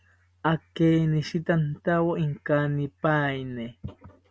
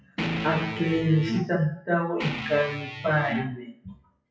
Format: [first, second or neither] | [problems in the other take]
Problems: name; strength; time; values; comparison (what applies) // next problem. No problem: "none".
first | noise reduction (classical method WPE with log-MMSE)